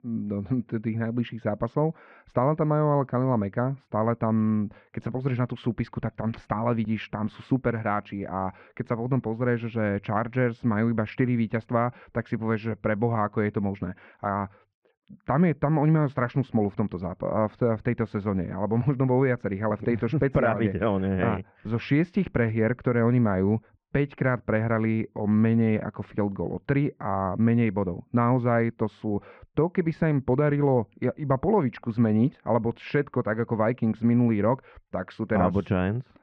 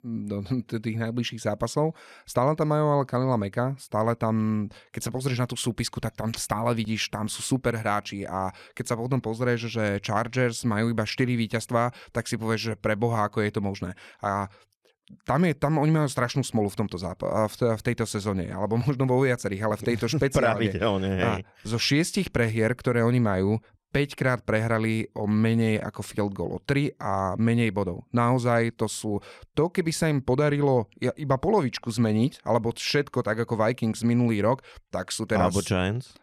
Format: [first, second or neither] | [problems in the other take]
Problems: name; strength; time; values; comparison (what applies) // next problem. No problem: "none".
second | muffled; very; fading above 2 kHz